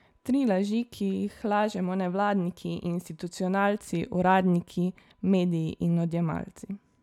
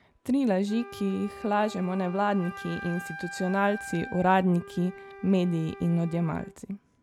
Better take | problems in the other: first | background sound (Wind instrument, woodwind instrument); 15 dB below the speech

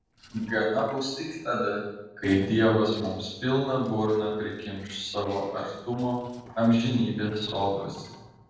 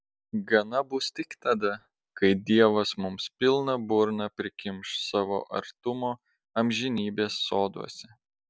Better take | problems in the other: second | noise reduction (neural separator model SepFormer DNS4)

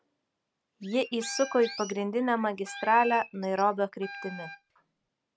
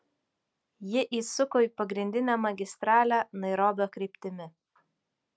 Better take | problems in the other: second | background sound (Chirp, tweet + Wind instrument, woodwind instrument); 14 dB below the speech

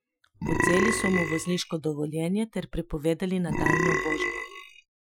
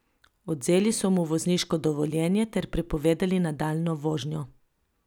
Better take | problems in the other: second | noise reduction (classical method Wiener filter)

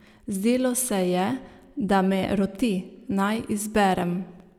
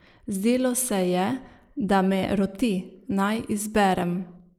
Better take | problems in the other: first | noise reduction (neural mask model Resemble Enhance denoiser)

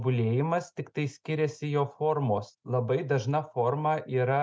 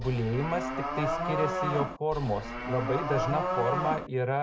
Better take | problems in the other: first | background sound (Livestock, farm animals, working animals); 1 dB below the speech

